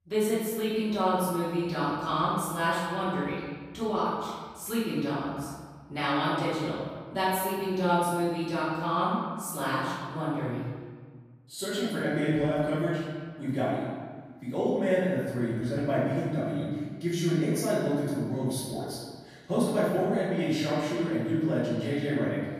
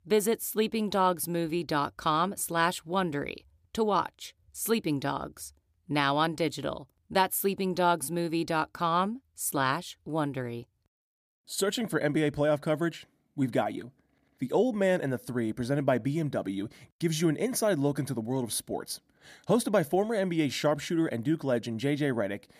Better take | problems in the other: second | room echo; strong; dies away in 1.5 s // off-mic speech; far

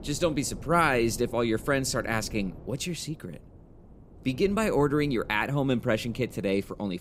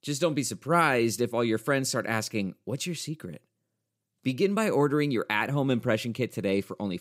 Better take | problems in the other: second | wind noise on the microphone; occasional gusts; 25 dB below the speech

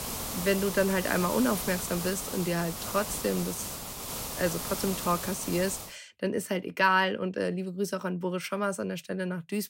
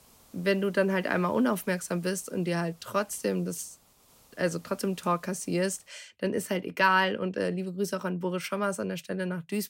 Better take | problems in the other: second | hiss; loud; until 6 s; 5 dB below the speech; faint in the second

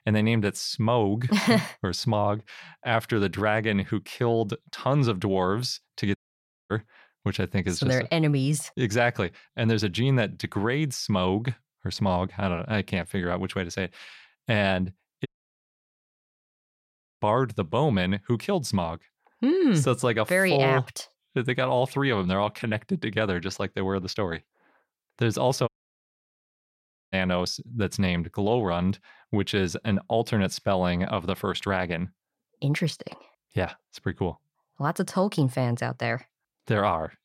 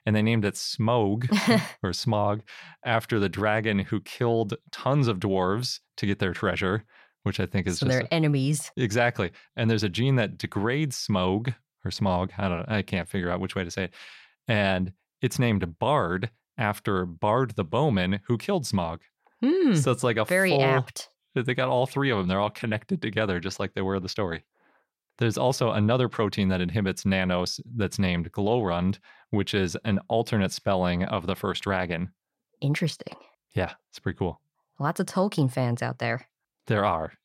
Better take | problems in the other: second | audio cutting out; at 6 s for 0.5 s, at 15 s for 2 s and at 26 s for 1.5 s

